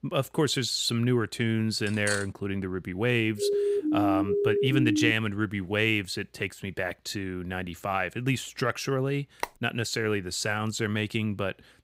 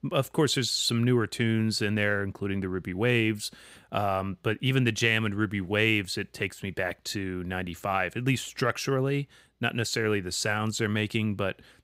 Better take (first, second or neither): second